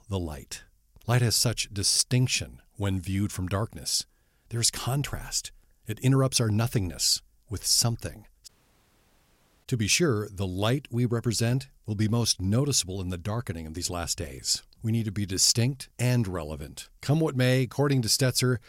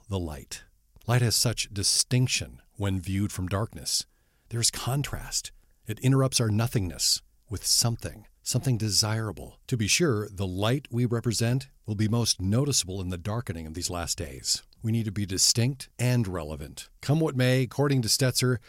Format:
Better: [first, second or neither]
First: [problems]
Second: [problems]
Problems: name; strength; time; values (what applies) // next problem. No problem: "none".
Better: second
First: audio cutting out; at 8.5 s for 1 s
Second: none